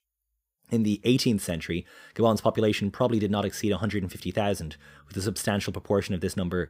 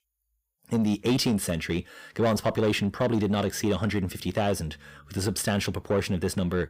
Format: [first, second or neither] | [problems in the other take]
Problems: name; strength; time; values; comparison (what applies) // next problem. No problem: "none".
first | distortion; slight; 10 dB below the speech